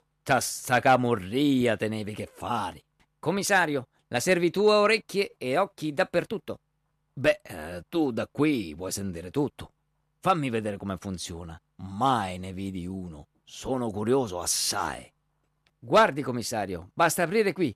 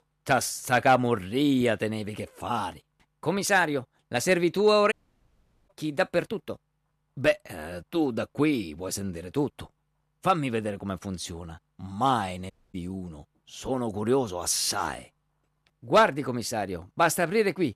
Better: first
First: none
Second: audio cutting out; at 5 s for 1 s and at 13 s

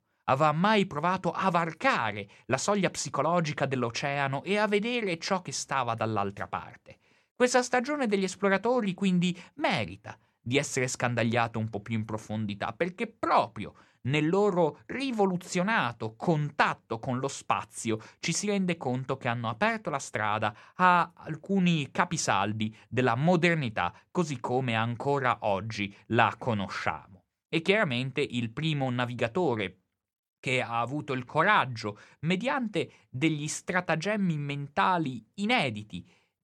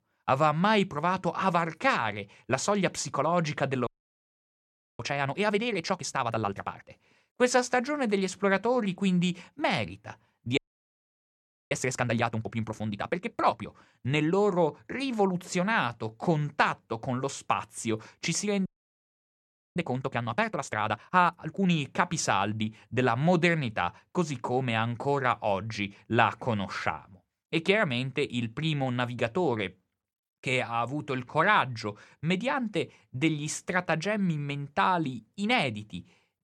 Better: first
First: none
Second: audio freezing; at 4 s for 1 s, at 11 s for 1 s and at 19 s for 1 s

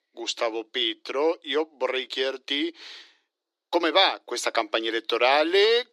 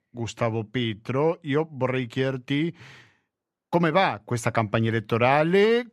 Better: second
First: thin; very; fading below 300 Hz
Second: none

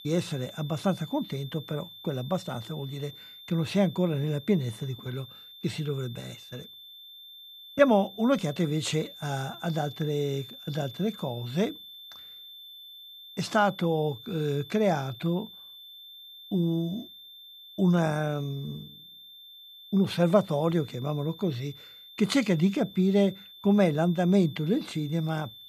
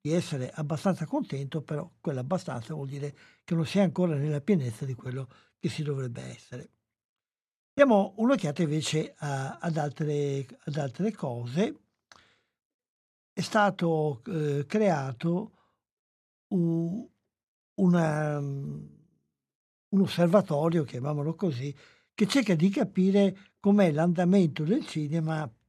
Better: second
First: high-pitched whine; noticeable; throughout; 3.5 kHz, 15 dB below the speech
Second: none

